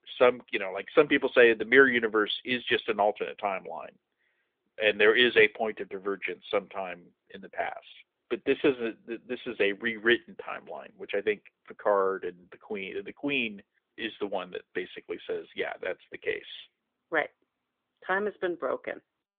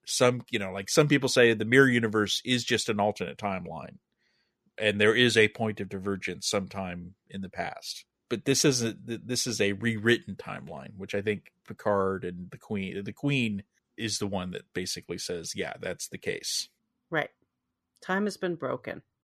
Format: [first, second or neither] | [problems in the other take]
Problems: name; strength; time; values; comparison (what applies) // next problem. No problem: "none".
second | phone-call audio; nothing above 3.5 kHz